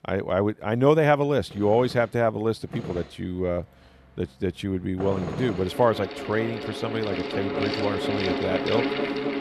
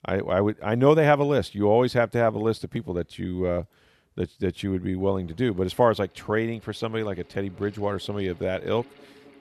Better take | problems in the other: second | machinery noise; loud; throughout; 4 dB below the speech; faint in the second

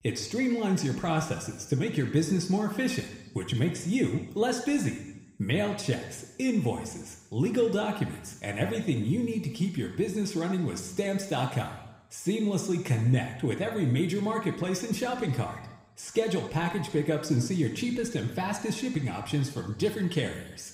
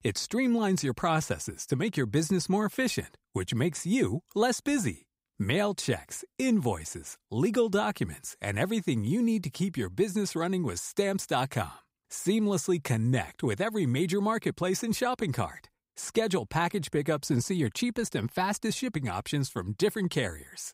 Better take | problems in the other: second | room echo; slight; dies away in 1 s

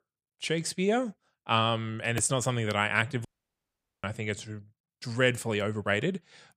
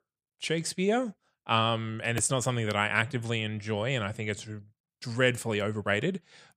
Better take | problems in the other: second | audio cutting out; at 3.5 s for 1 s

